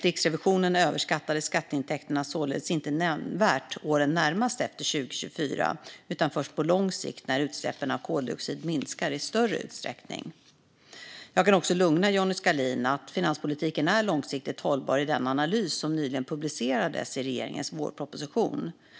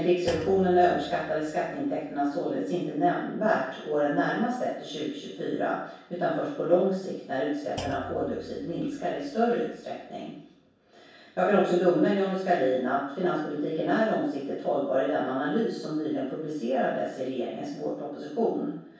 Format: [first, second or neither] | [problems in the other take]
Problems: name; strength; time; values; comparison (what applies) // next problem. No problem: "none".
first | background sound (Thump, thud); 20 dB below the speech // room echo; dies away in 0.7 s